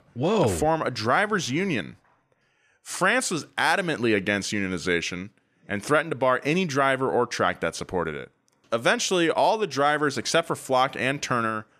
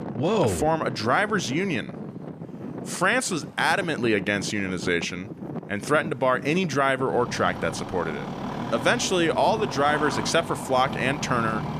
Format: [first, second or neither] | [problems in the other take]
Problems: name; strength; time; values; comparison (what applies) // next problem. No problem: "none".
first | traffic noise; loud; throughout; 10 dB below the speech